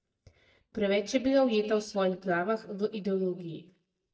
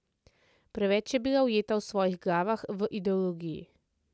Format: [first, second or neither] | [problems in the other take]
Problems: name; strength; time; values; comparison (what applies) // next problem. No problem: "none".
second | noise reduction (neural mask model DeepFilterNet 3)